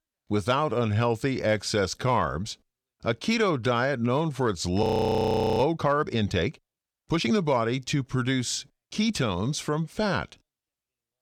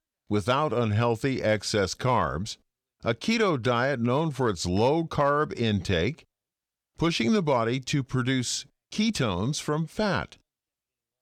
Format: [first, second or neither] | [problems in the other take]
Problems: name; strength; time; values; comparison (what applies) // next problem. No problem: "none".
second | audio freezing; at 5 s for 1 s